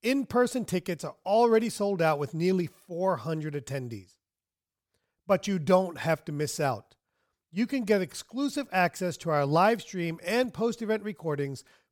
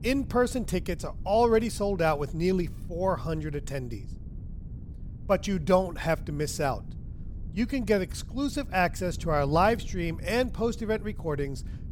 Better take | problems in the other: first | wind noise on the microphone; occasional gusts; 25 dB below the speech

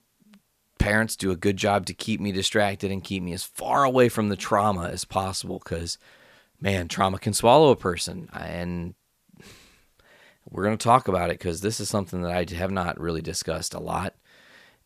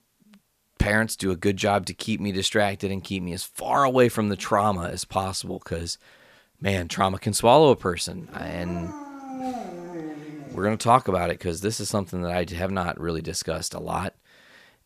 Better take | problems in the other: first | dog barking; noticeable; from 8.5 to 11 s; peak 8 dB below the speech

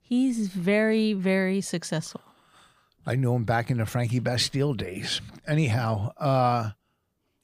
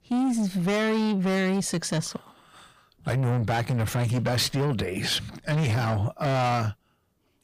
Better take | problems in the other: first | distortion; heavy; 7 dB below the speech

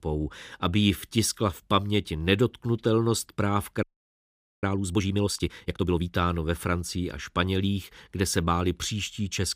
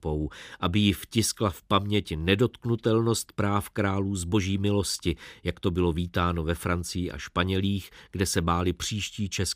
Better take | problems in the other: second | audio freezing; at 4 s for 1 s

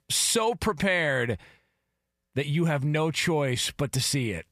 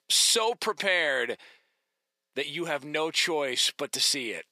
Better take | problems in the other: first | thin; somewhat; fading below 350 Hz

